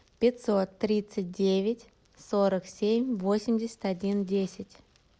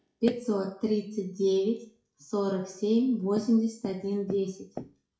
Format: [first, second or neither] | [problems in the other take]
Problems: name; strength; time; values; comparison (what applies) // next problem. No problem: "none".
first | noise reduction (classical method WPE with log-MMSE)